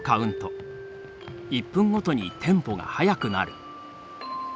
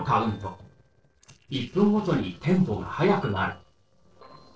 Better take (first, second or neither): first